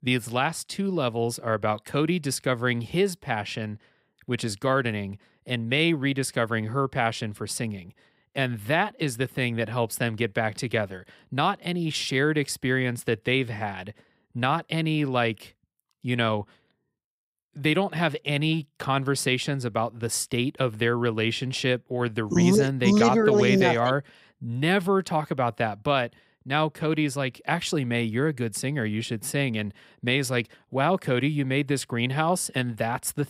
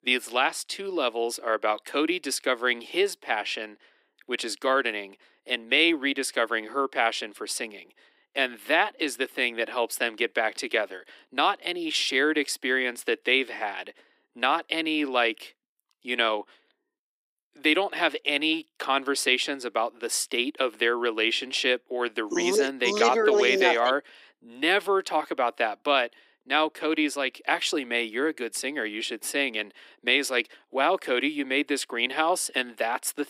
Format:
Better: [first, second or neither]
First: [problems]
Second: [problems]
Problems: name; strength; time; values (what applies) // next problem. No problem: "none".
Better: first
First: none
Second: thin; somewhat; fading below 300 Hz